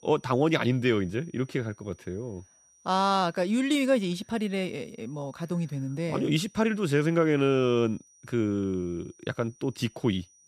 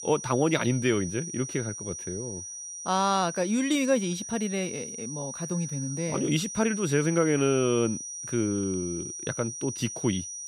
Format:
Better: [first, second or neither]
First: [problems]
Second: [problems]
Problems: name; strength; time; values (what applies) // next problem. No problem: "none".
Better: first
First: high-pitched whine; faint; throughout; 6 kHz, 30 dB below the speech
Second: high-pitched whine; loud; throughout; 6 kHz, 7 dB below the speech